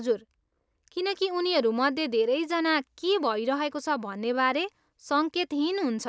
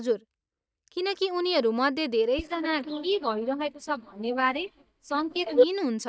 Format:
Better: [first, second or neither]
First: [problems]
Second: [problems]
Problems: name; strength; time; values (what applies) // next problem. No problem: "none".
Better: first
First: none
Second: noise reduction (neural mask model DeepFilterNet 3)